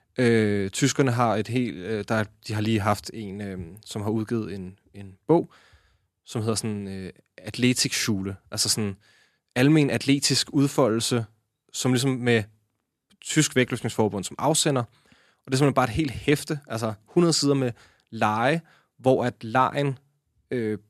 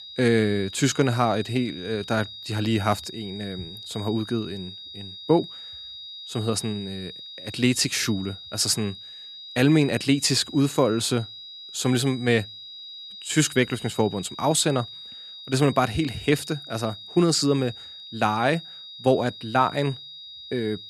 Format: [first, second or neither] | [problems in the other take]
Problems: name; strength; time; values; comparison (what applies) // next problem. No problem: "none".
first | high-pitched whine; noticeable; throughout; 4 kHz, 15 dB below the speech